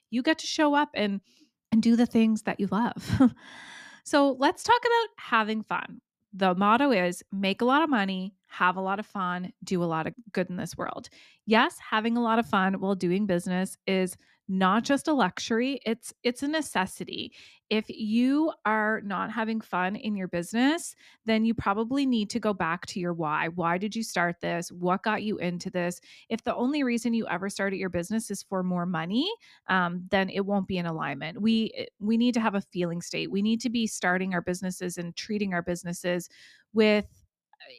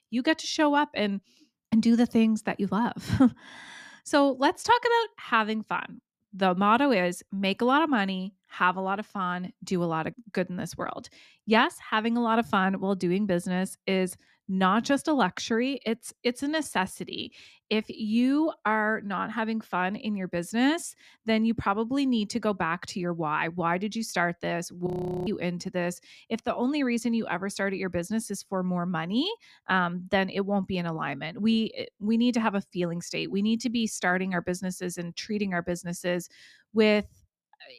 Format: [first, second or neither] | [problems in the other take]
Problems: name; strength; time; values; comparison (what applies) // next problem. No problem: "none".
first | audio freezing; at 25 s